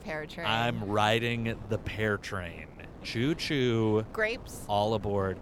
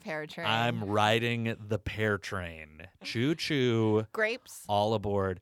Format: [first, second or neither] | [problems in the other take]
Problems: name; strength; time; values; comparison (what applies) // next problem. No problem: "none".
second | wind noise on the microphone; occasional gusts; 20 dB below the speech